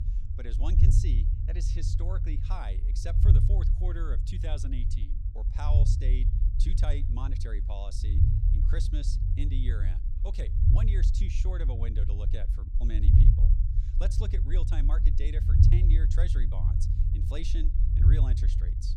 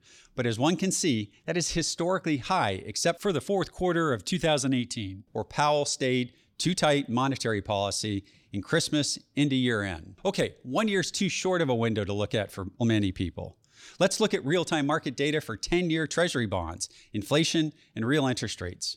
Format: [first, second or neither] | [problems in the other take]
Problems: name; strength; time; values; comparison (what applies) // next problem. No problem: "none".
second | low rumble; loud; throughout; as loud as the speech